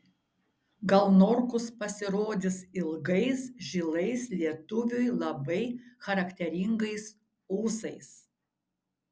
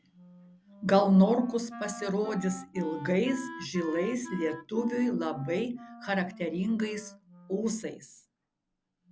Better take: first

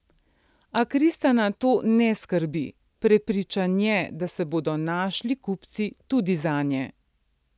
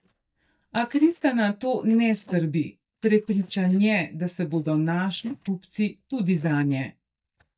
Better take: first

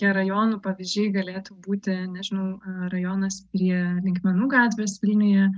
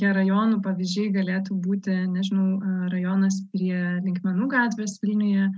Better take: second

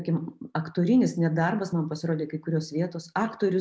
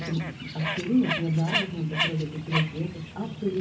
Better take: first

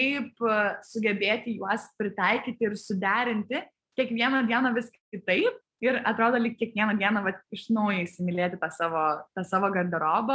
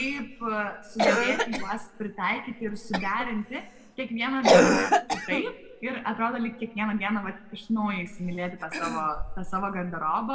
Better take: first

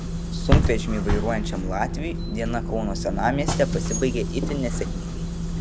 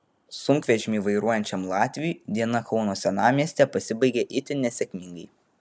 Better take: second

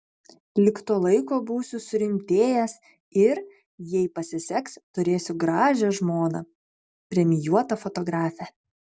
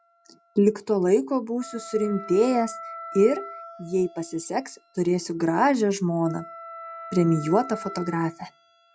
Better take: first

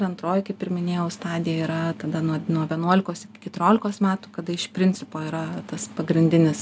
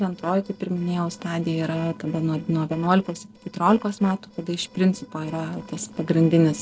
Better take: first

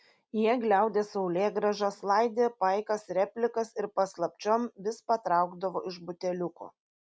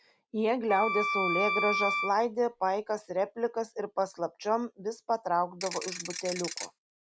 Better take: first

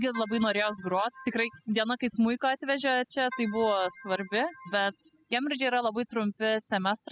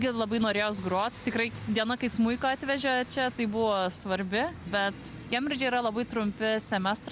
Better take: second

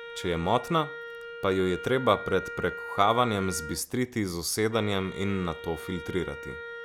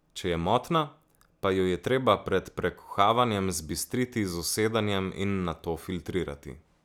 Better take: second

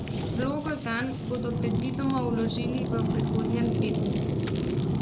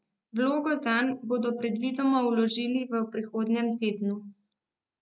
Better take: second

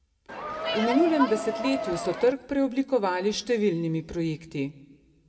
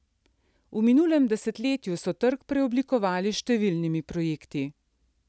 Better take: second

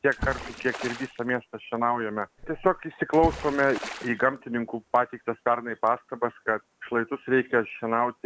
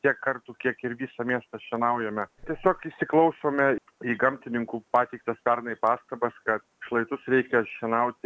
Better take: second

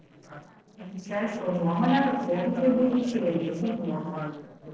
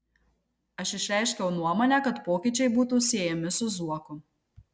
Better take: second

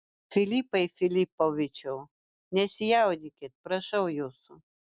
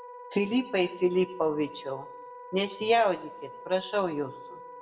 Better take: first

